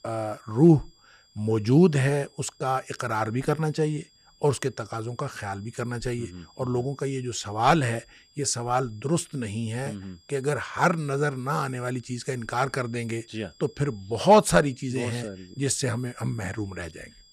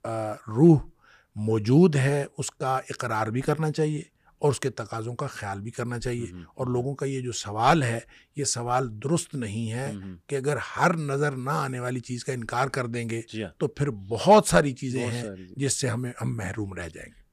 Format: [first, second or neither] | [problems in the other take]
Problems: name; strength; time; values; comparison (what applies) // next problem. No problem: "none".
second | high-pitched whine; faint; throughout; 5 kHz, 30 dB below the speech